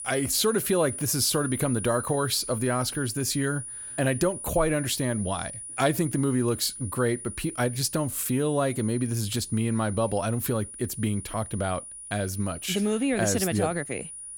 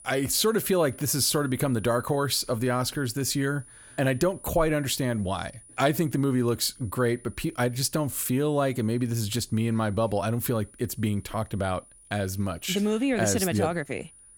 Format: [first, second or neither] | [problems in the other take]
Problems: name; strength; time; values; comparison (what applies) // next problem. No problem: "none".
second | high-pitched whine; loud; throughout; 9.5 kHz, 9 dB below the speech; faint in the second